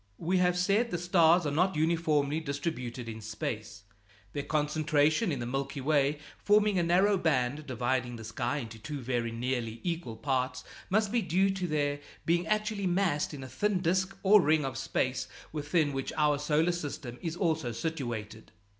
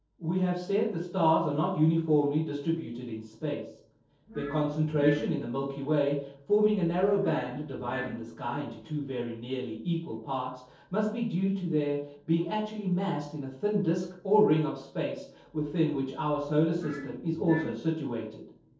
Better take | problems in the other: first | noise reduction (neural separator model SepFormer DNS4)

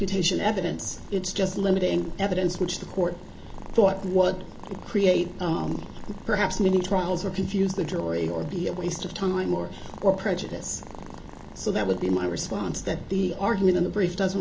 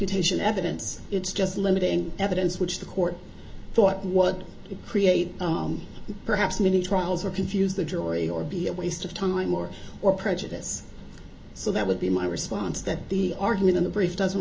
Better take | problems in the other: second | background sound (Purr); 20 dB below the speech

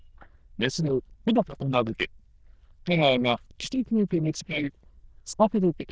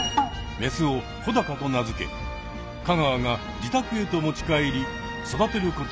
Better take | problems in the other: second | noise reduction (neural diffusion model UNIVERSE++)

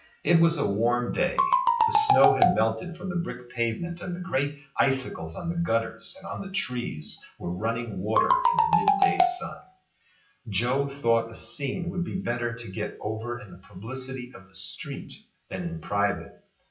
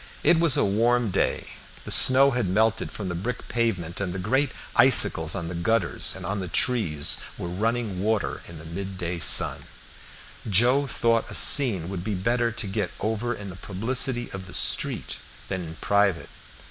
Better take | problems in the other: second | noise reduction (classical method WPE with log-MMSE)

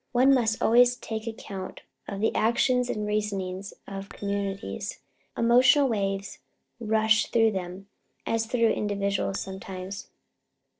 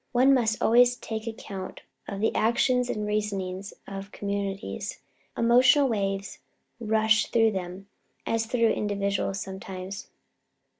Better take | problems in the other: second | noise reduction (neural separator model SepFormer DNS4)

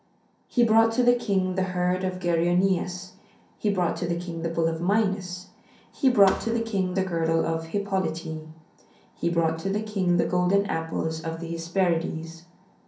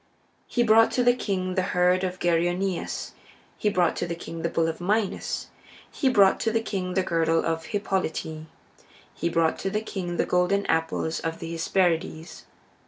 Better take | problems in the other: second | background sound (Thump, thud); 14 dB below the speech // room echo; dies away in 0.6 s

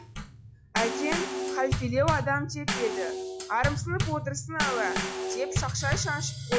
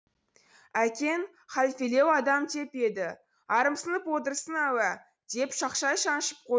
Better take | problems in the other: second | noise reduction (classical method log-MMSE)

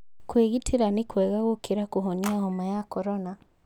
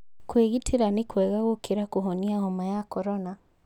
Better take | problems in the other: second | background sound (Telephone); 19 dB below the speech

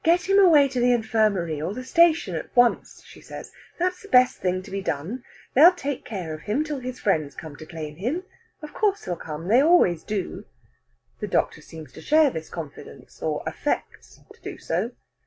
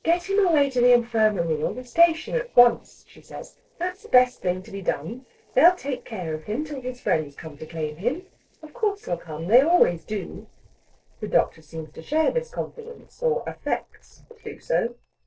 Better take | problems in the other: first | noise reduction (neural separator model SepFormer DNS4)

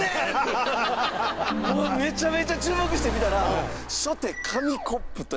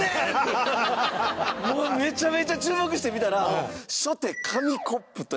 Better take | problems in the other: second | background sound (Car + Ringtone); 7 dB below the speech

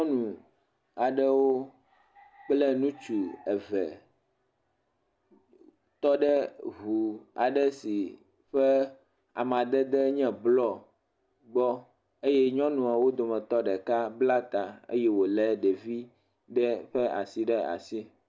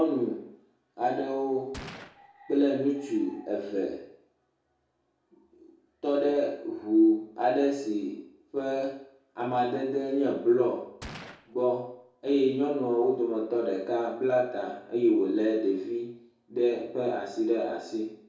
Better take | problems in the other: first | background sound (Gunshot, gunfire); 17 dB below the speech // room echo; dies away in 0.5 s

